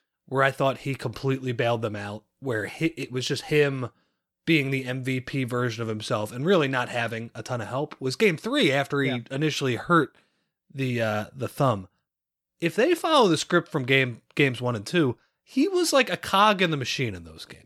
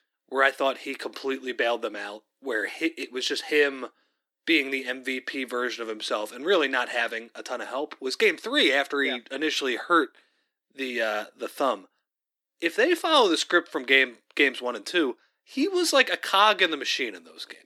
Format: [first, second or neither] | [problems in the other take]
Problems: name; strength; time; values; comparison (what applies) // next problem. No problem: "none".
first | thin; somewhat; fading below 250 Hz